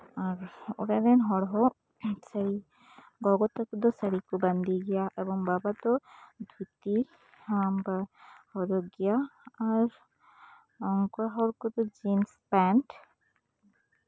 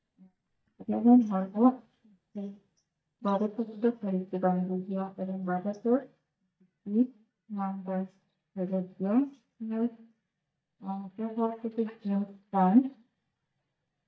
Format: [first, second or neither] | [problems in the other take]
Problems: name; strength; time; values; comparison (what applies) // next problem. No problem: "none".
first | noise reduction (neural mask model DeepFilterNet 3)